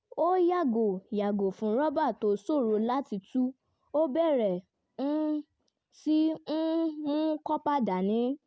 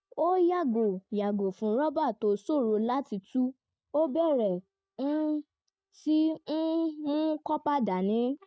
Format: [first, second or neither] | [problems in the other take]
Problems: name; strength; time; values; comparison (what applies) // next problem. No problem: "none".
first | noise reduction (neural mask model DeepFilterNet 3)